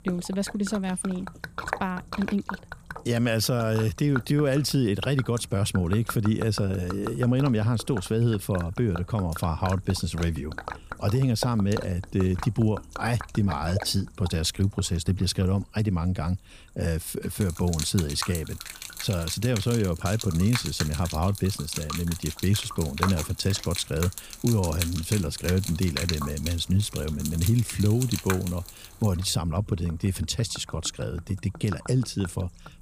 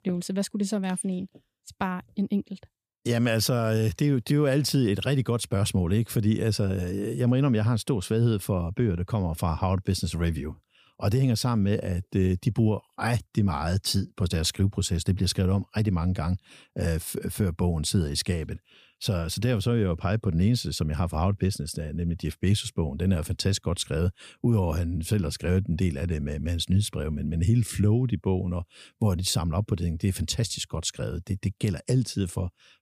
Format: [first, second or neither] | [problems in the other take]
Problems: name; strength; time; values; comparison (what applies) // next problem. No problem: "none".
second | rain or running water; noticeable; throughout; 10 dB below the speech